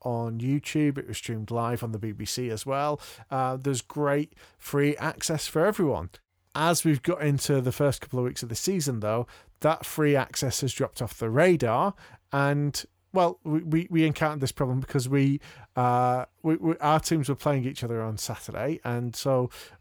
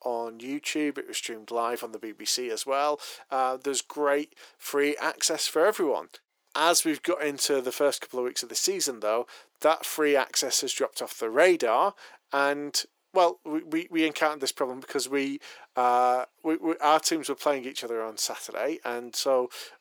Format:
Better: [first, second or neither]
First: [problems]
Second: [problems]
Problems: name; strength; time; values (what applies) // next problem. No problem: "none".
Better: first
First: none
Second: thin; somewhat; fading below 350 Hz